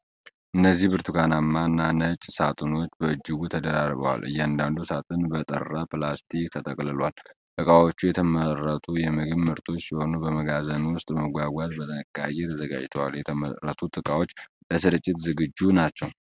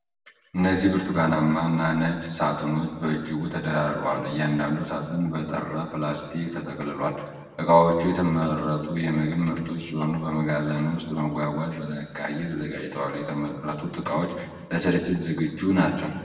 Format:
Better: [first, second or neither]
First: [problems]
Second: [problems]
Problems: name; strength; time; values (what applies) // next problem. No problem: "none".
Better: first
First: none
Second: room echo; dies away in 1.2 s